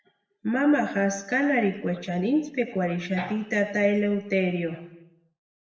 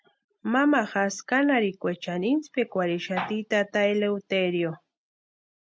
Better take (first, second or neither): second